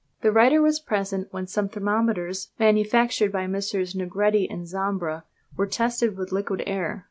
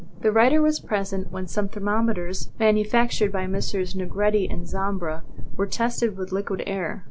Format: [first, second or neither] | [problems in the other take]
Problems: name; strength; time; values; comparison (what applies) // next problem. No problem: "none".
first | background sound (Thunder / Wind / Bird vocalization, bird call, bird song); 1 dB above the speech